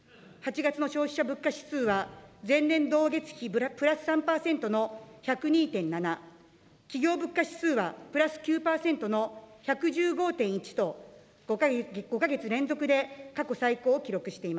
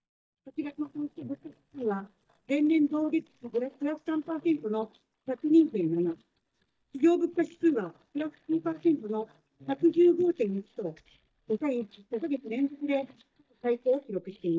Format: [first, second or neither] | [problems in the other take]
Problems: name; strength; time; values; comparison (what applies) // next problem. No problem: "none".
first | noise reduction (neural mask model DeepFilterNet 3)